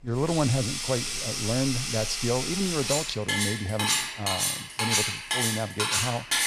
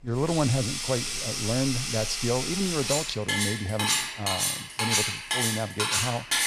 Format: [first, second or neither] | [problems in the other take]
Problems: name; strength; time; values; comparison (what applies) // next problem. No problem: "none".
neither | household noises; very loud; throughout; 3 dB above the speech; the same in both